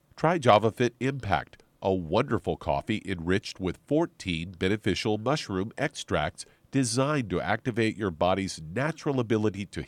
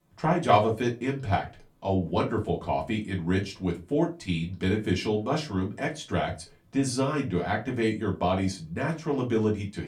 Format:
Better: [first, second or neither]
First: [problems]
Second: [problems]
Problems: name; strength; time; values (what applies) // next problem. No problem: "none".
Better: first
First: none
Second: off-mic speech; far // room echo; very slight; dies away in 0.2 s